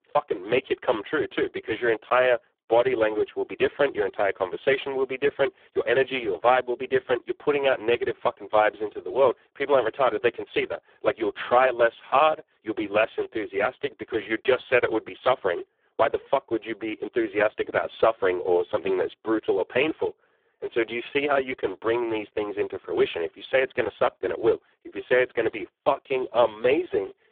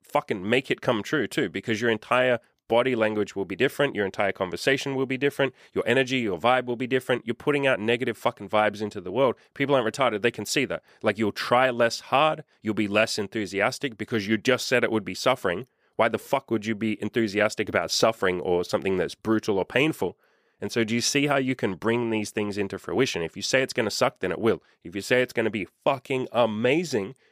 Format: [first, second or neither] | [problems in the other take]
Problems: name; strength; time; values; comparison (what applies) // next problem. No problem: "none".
second | phone-call audio; poor line